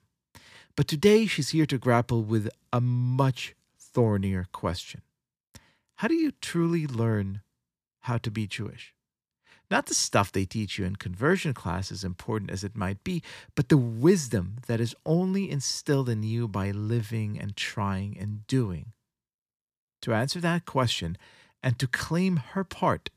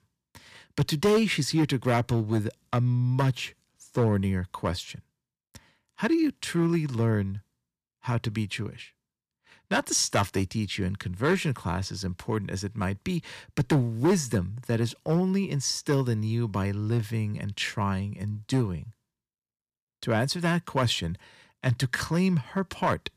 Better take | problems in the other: first | distortion; slight; 2% of the sound clipped

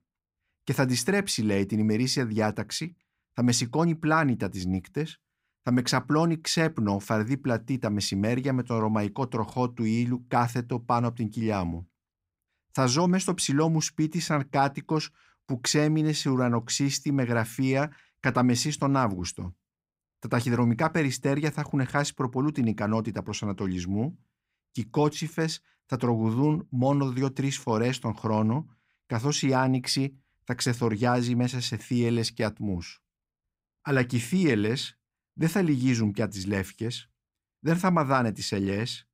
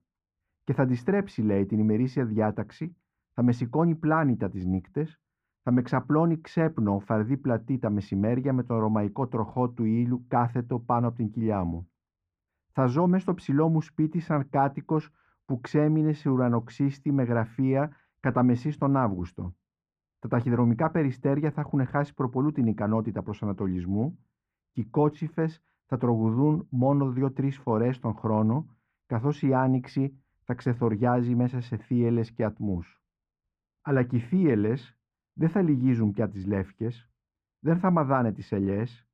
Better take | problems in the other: first | muffled; very; fading above 3 kHz

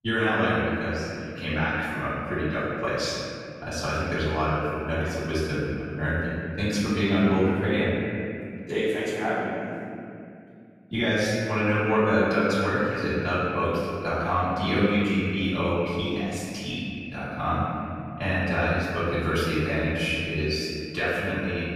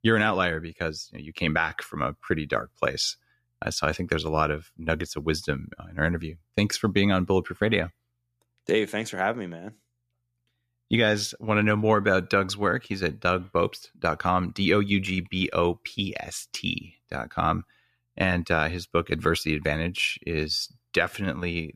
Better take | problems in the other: second | off-mic speech; far // room echo; strong; dies away in 2.5 s

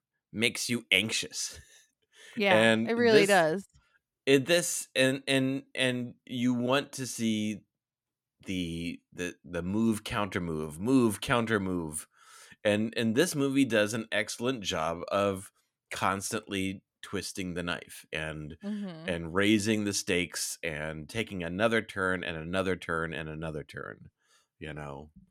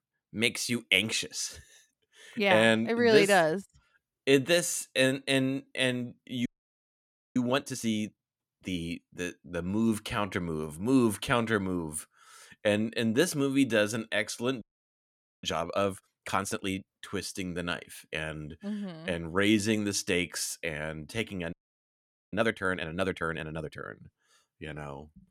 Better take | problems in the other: first | audio freezing; at 6.5 s for 1 s, at 15 s for 1 s and at 22 s for 1 s

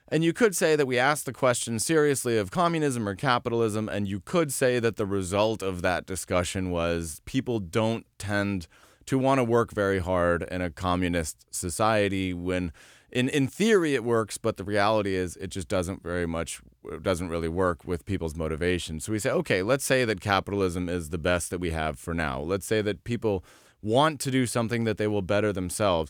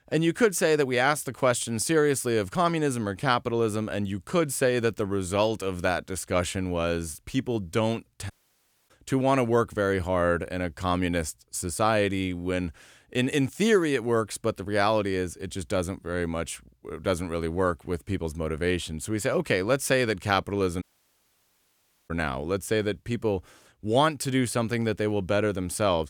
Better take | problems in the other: first | audio cutting out; at 8.5 s for 0.5 s and at 21 s for 1.5 s

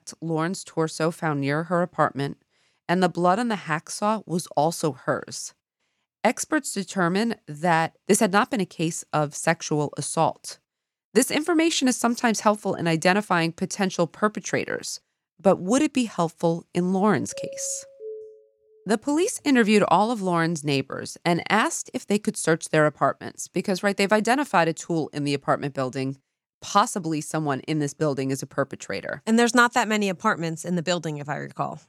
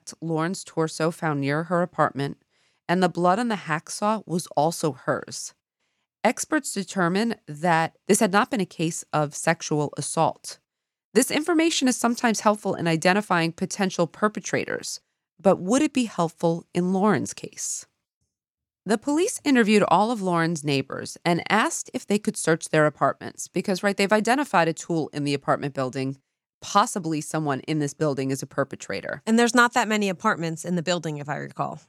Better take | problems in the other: second | doorbell; faint; from 17 to 18 s; peak 15 dB below the speech

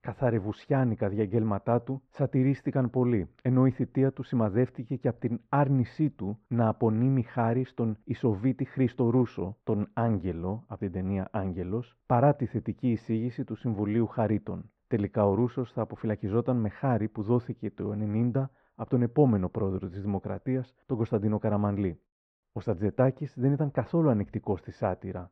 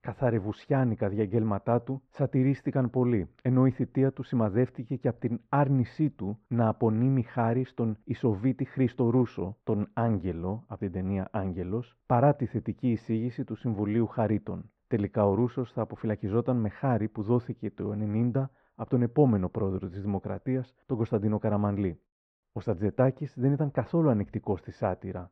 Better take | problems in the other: neither | muffled; very; fading above 4 kHz; the same in both

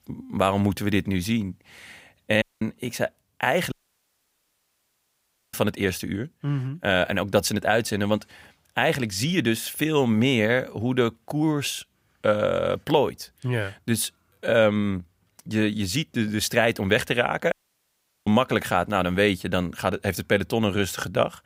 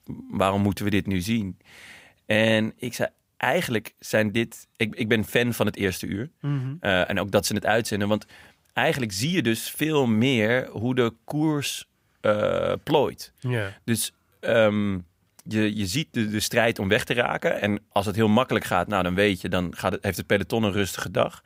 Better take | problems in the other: second | audio cutting out; at 2.5 s, at 3.5 s for 2 s and at 18 s for 0.5 s

